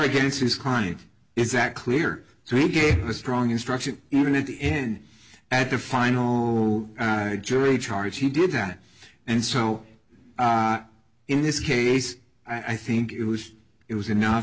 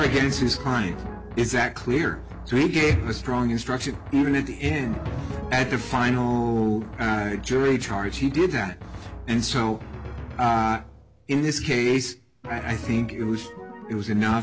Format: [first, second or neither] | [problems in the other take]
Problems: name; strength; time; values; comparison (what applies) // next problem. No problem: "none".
first | background sound (Drum); 11 dB below the speech